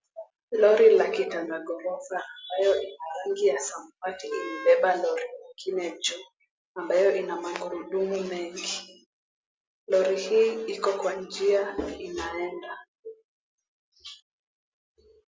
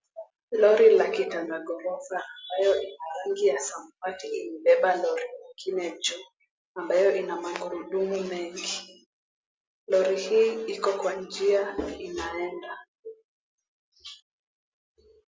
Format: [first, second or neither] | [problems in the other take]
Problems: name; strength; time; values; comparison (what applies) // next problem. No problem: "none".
second | background sound (Wind instrument, woodwind instrument); 13 dB below the speech